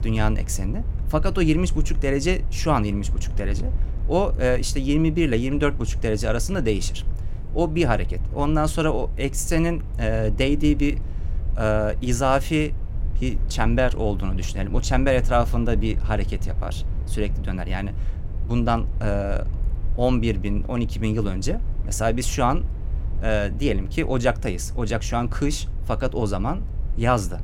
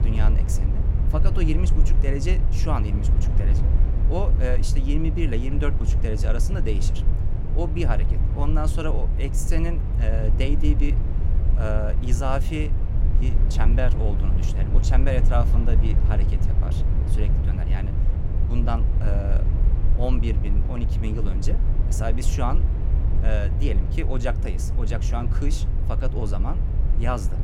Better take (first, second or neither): first